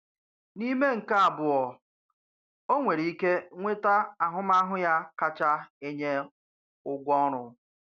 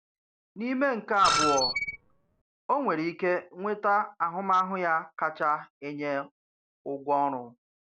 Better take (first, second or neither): first